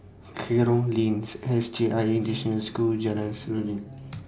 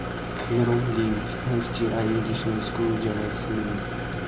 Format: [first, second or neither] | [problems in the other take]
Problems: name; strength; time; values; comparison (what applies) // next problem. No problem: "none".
first | background sound (Idling); 4 dB below the speech